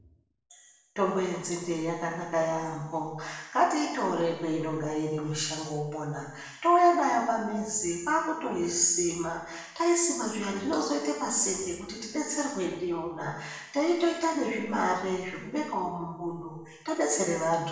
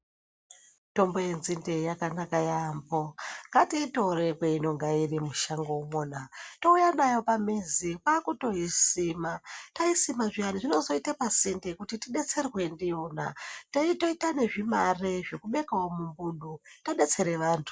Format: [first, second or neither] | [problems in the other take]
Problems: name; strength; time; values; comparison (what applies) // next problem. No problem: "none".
second | room echo; dies away in 0.9 s